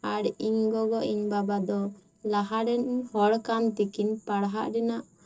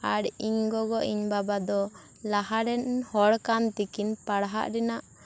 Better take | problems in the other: second | noise reduction (neural separator model SepFormer DNS4)

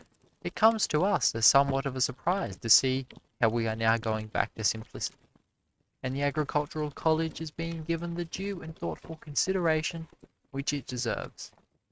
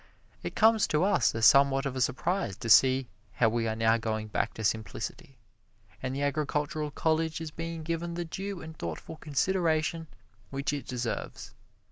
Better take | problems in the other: second | noise reduction (neural mask model RNNoise)

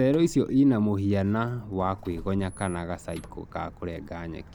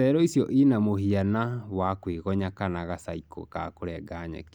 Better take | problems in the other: second | background sound (Squeak); 19 dB below the speech

